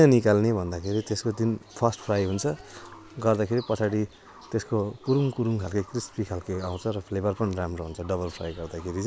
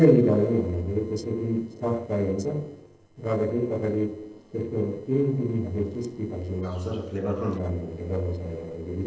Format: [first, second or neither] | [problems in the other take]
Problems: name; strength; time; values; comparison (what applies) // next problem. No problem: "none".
first | noise reduction (neural separator model SepFormer DNS4)